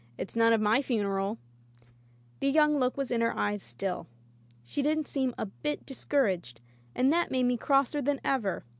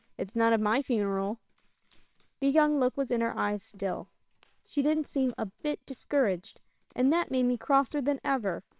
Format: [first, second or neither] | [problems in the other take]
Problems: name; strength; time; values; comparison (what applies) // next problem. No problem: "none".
first | noise reduction (neural separator model SepFormer WHAMR!)